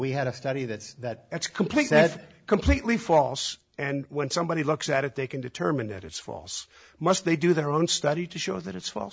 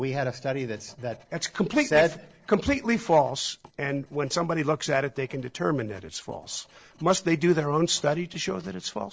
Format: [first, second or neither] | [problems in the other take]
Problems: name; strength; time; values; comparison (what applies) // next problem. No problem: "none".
first | noise reduction (neural separator model SepFormer DNS4)